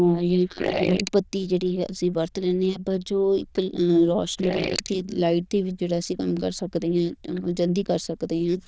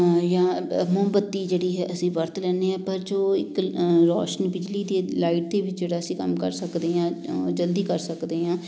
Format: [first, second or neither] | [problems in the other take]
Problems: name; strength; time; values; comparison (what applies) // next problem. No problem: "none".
second | noise reduction (neural diffusion model UNIVERSE++)